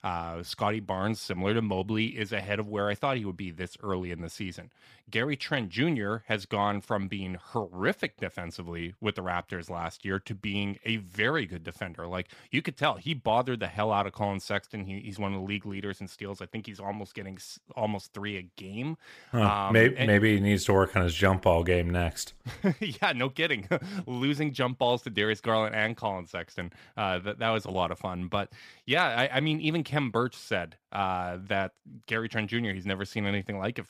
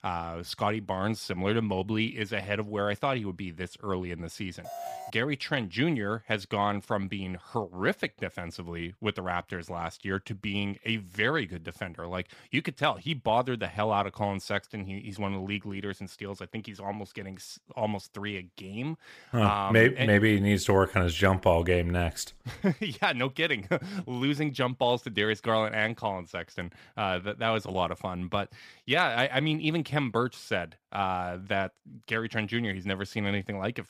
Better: first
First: none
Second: alarm; noticeable; at 4.5 s; peak 9 dB below the speech

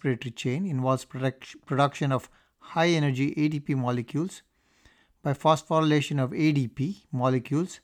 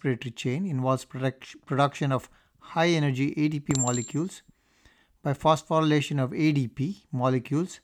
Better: first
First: none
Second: clattering dishes; noticeable; from 3.5 to 5.5 s; peak 2 dB below the speech

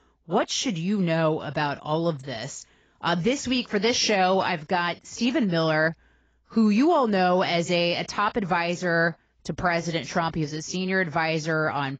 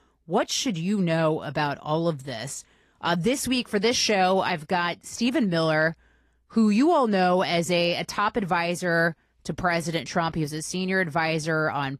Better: second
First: garbled, watery; badly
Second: garbled, watery; slightly; nothing above 15 kHz

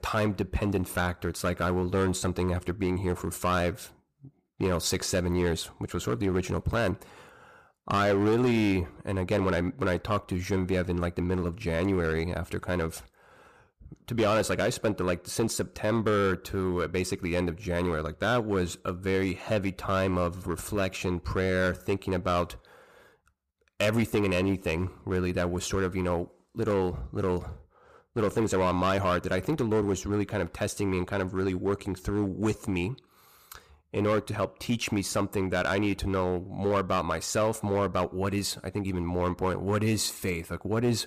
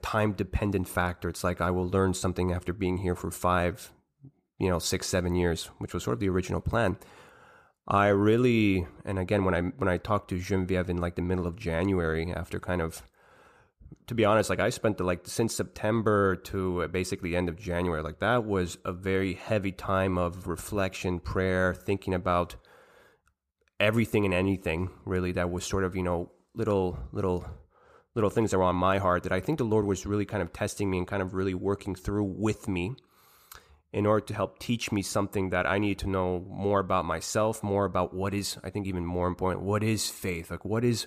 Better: second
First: distortion; slight; 6% of the sound clipped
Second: none

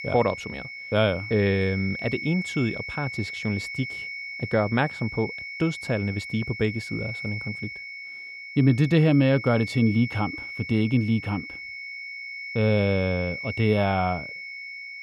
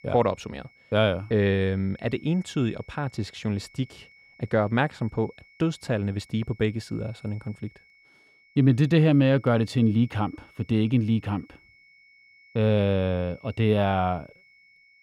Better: second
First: high-pitched whine; loud; throughout; 2 kHz, 9 dB below the speech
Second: high-pitched whine; faint; throughout; 2 kHz, 30 dB below the speech

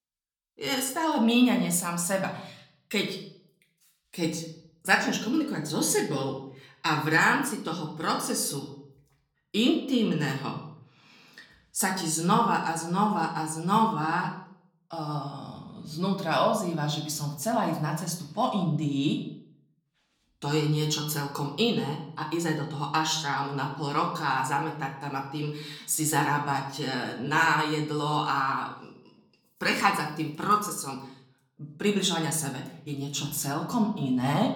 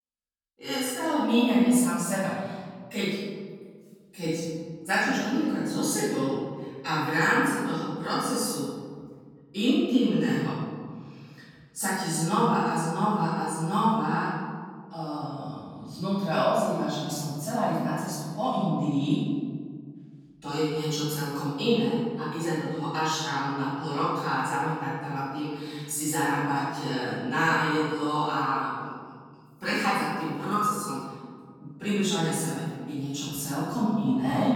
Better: first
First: room echo; slight; dies away in 0.6 s // off-mic speech; somewhat distant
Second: room echo; strong; dies away in 2 s // off-mic speech; far

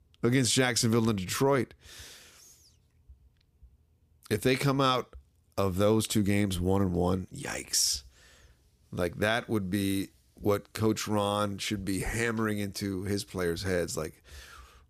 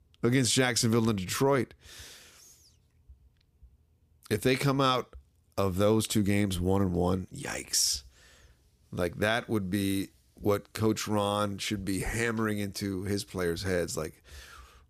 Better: neither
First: none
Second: none

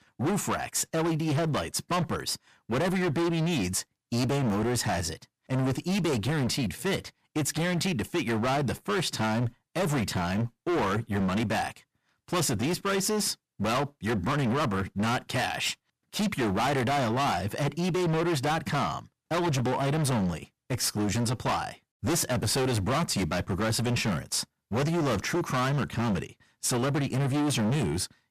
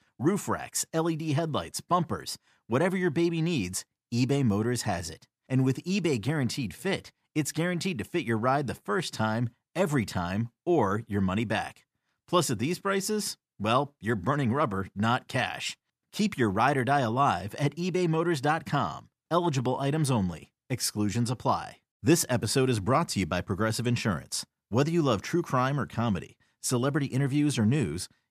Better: second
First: distortion; heavy; 27% of the sound clipped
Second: none

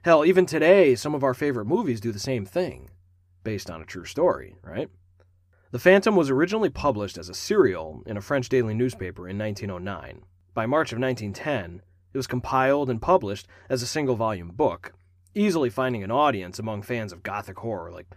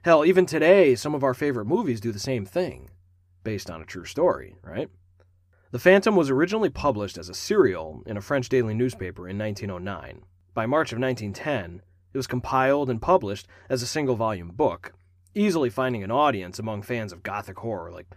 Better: neither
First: none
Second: none

